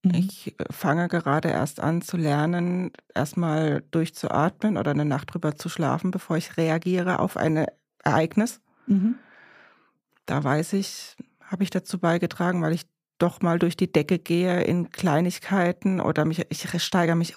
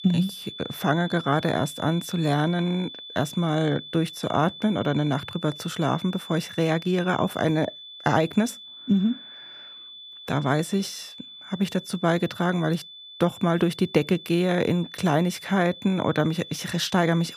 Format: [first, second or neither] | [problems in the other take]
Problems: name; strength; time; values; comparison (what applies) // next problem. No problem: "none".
first | high-pitched whine; noticeable; throughout; 3.5 kHz, 15 dB below the speech